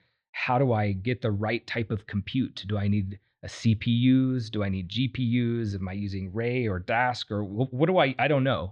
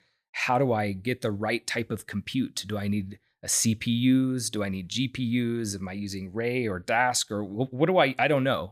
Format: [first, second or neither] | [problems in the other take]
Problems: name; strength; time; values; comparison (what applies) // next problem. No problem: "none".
second | muffled; slightly; fading above 3.5 kHz